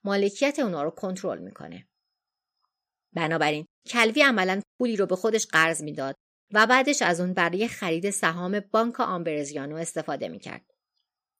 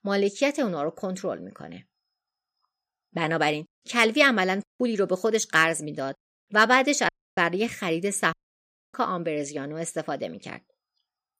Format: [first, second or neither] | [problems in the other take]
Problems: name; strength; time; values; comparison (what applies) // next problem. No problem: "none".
first | audio cutting out; at 7 s and at 8.5 s for 0.5 s